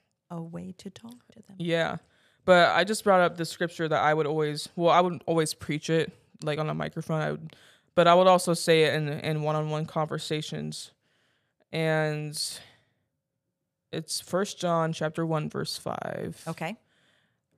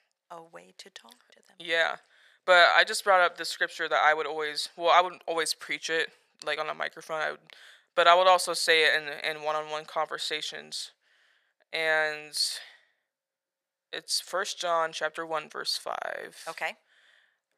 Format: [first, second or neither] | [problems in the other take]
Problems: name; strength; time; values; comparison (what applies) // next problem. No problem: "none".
first | thin; very; fading below 700 Hz